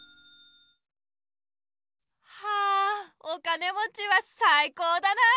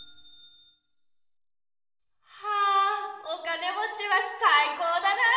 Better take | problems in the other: first | room echo; dies away in 1.2 s

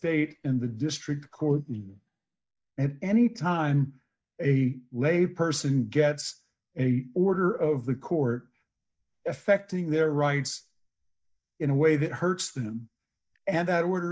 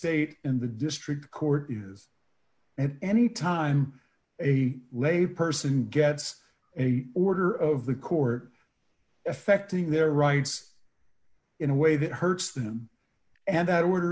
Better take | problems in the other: second | noise reduction (neural mask model DeepFilterNet 3)

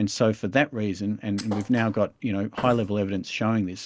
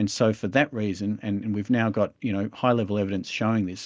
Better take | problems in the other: second | background sound (Thump, thud); 15 dB below the speech

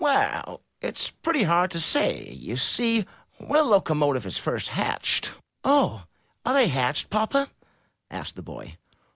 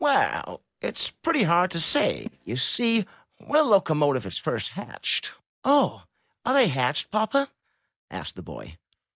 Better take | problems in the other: first | noise reduction (neural mask model DeepFilterNet 3)

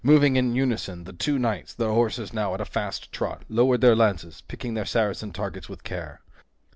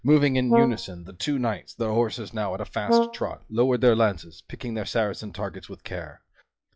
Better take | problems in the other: first | noise reduction (classical method log-MMSE)

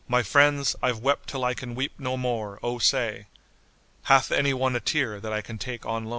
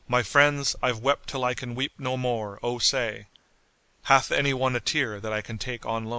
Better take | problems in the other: first | noise reduction (neural mask model Resemble Enhance denoiser)

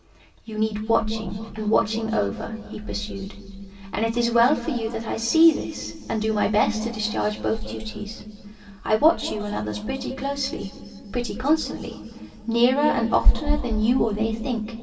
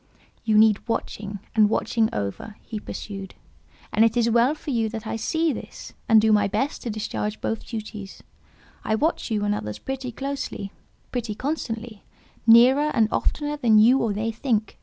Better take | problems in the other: second | room echo; dies away in 2.3 s

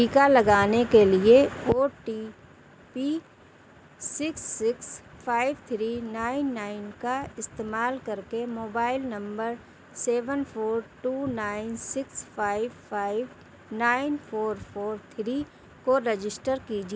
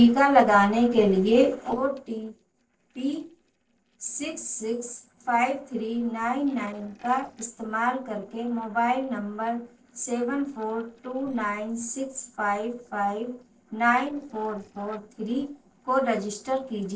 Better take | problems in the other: first | noise reduction (neural separator model SepFormer DNS4)

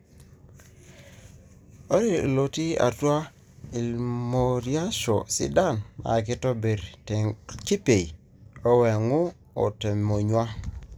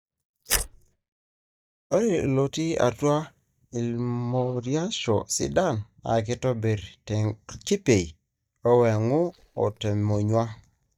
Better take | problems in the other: first | noise reduction (neural mask model DeepFilterNet 3)

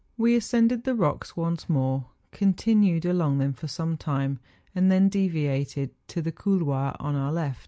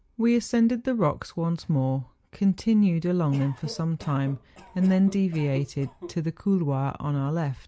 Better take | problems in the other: first | background sound (Cough); 19 dB below the speech

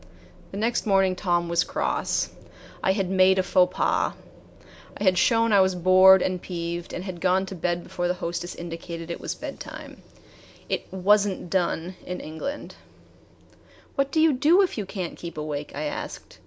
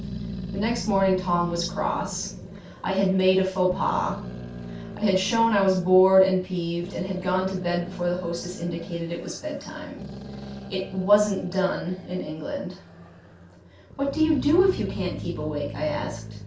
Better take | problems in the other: first | background sound (Growling); 12 dB below the speech // room echo; dies away in 0.3 s

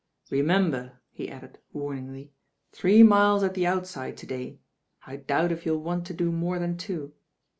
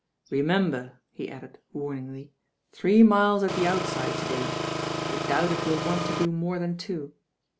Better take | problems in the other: first | background sound (Engine); 3 dB below the speech

